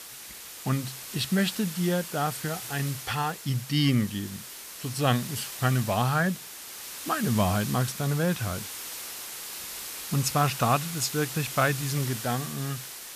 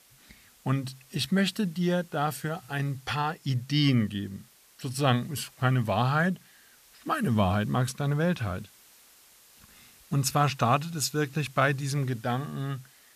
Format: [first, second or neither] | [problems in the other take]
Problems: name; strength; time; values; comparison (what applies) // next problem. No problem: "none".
second | hiss; loud; throughout; 8 dB below the speech; faint in the second